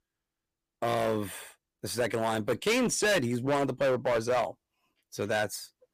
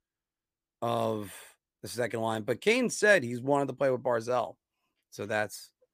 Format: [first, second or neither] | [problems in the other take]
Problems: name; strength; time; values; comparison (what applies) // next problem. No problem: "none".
second | distortion; heavy; 10% of the sound clipped